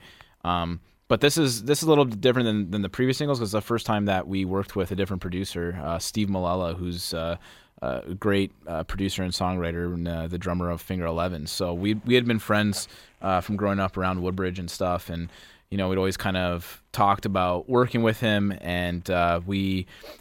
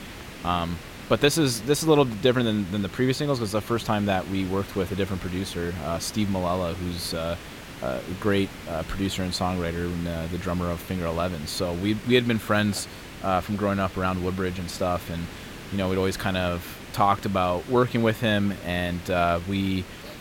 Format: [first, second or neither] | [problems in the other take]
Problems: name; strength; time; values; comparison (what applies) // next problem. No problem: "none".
first | hiss; noticeable; throughout; 15 dB below the speech